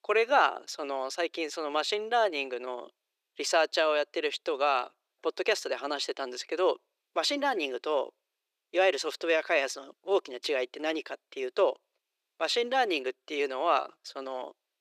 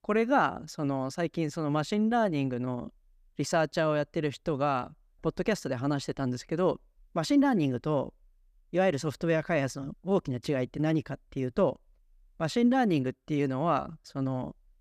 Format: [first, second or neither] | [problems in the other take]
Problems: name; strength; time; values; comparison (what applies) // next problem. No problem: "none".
second | thin; very; fading below 350 Hz